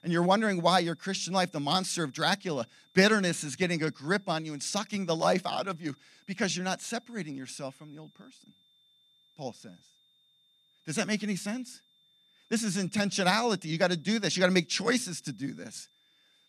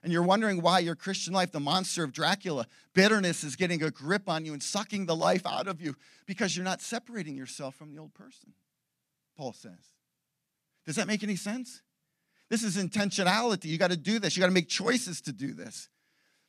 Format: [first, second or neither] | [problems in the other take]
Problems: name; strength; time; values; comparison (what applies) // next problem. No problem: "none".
second | high-pitched whine; faint; throughout; 3.5 kHz, 35 dB below the speech